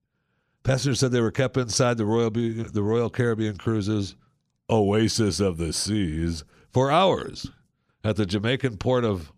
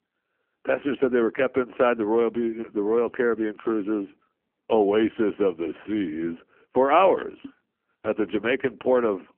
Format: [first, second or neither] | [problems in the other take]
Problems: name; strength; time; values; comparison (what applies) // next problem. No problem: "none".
first | phone-call audio; poor line; nothing above 3 kHz